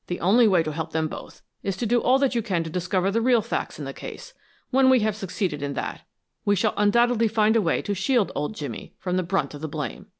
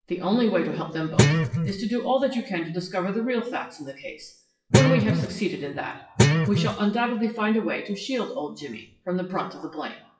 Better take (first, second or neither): first